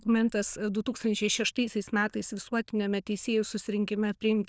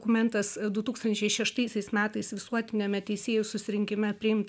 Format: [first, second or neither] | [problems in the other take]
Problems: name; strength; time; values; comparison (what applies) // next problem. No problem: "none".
second | noise reduction (neural diffusion model UNIVERSE++)